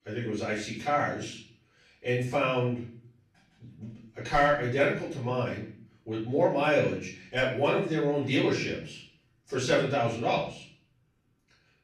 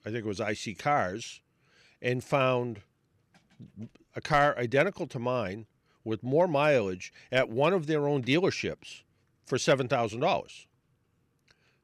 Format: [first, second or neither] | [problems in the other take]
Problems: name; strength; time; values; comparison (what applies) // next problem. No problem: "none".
second | off-mic speech; far // room echo; noticeable; dies away in 0.5 s